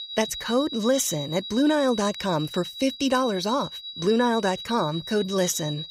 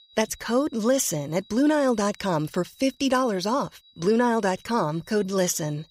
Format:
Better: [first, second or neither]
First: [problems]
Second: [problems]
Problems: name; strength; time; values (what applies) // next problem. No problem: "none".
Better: second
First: high-pitched whine; loud; throughout; 4 kHz, 10 dB below the speech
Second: high-pitched whine; faint; throughout; 4 kHz, 30 dB below the speech